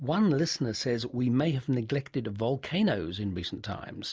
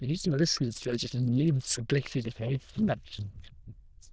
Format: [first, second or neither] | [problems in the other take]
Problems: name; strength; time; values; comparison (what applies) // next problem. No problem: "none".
first | noise reduction (neural diffusion model UNIVERSE++)